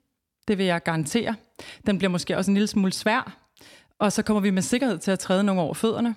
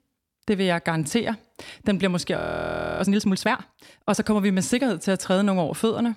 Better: first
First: none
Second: audio freezing; at 2.5 s for 0.5 s

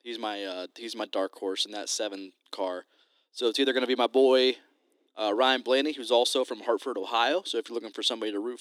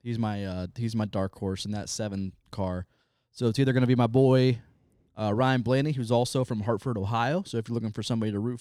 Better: second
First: thin; somewhat; fading below 300 Hz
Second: none

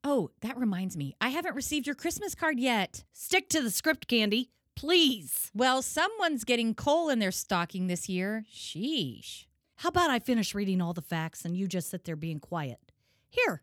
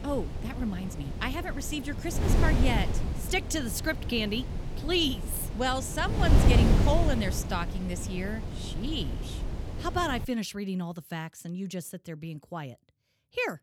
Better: first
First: none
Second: wind noise on the microphone; heavy; until 10 s; 6 dB below the speech

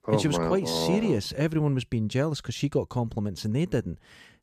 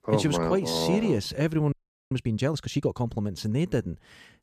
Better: first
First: none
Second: audio freezing; at 1.5 s

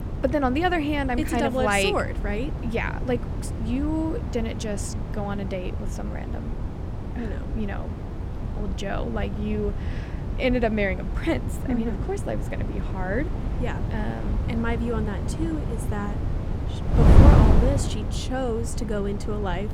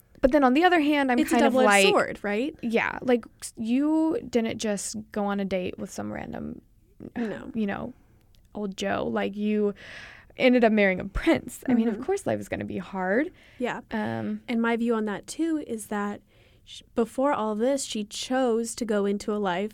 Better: second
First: wind noise on the microphone; heavy; 7 dB below the speech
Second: none

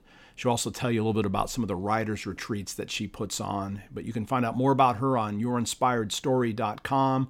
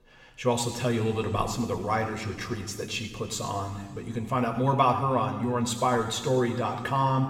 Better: first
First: none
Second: room echo; noticeable; dies away in 1.7 s

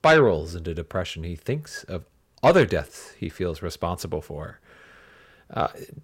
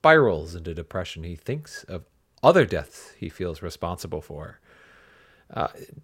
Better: second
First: distortion; slight; 10 dB below the speech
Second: none

